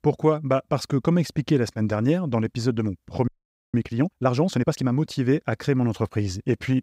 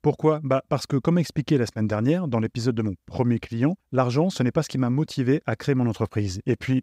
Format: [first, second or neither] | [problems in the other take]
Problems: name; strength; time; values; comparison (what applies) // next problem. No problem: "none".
second | audio freezing; at 3.5 s